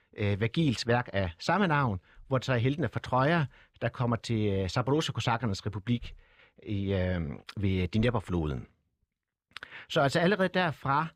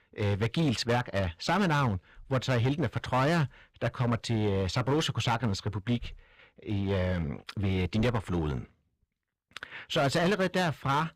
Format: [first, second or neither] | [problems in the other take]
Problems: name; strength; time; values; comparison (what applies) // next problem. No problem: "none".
first | distortion; slight; 10% of the sound clipped